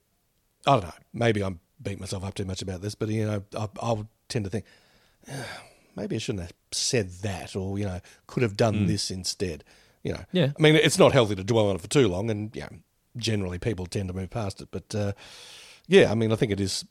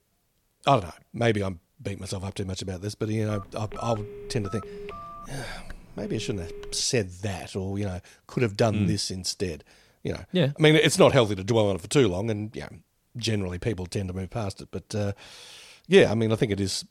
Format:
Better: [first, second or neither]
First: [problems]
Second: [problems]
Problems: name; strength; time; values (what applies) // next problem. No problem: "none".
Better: first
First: none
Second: phone ringing; faint; from 3.5 to 7 s; peak 15 dB below the speech